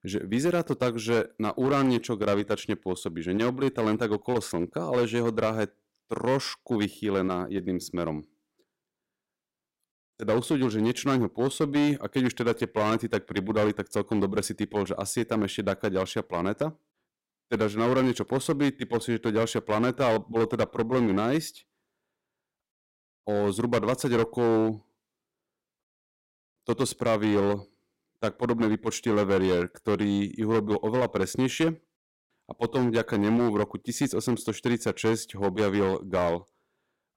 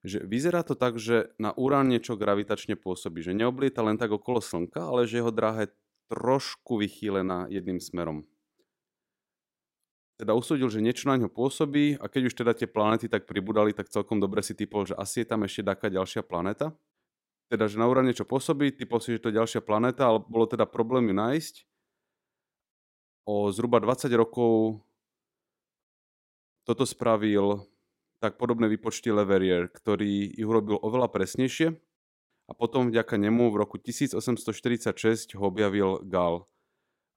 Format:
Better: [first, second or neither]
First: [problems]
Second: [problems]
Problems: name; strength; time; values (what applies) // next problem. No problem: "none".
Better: second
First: distortion; slight; 8% of the sound clipped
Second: none